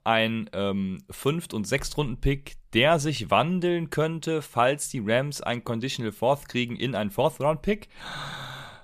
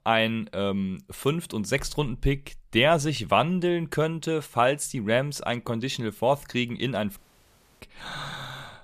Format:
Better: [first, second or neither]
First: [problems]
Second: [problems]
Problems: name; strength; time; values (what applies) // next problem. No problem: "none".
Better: first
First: none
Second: audio cutting out; at 7 s for 0.5 s